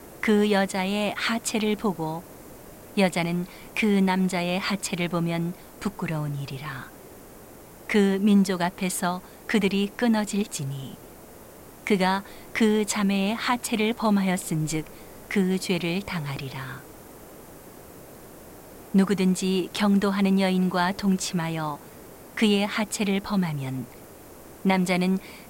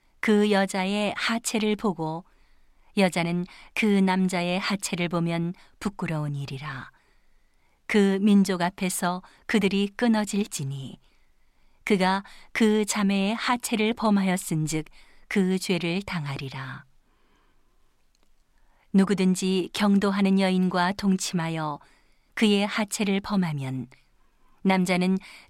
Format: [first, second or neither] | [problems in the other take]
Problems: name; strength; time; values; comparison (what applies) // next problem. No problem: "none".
second | hiss; faint; throughout; 20 dB below the speech